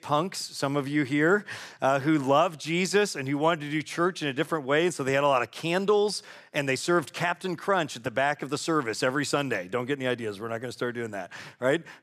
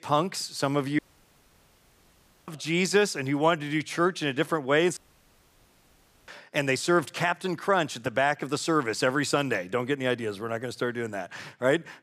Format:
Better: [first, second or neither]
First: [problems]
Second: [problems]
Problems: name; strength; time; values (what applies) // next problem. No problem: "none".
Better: first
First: none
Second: audio cutting out; at 1 s for 1.5 s and at 5 s for 1.5 s